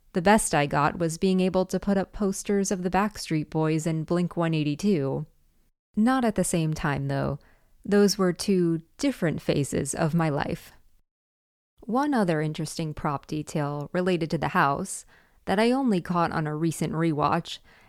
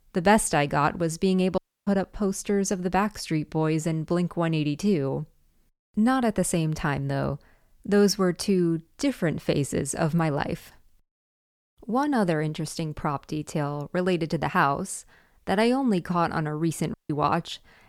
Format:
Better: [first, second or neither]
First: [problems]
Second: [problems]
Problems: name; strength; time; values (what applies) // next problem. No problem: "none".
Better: first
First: none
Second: audio cutting out; at 1.5 s and at 17 s